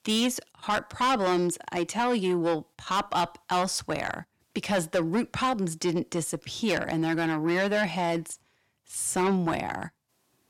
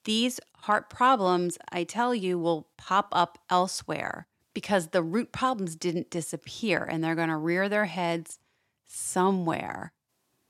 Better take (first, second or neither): second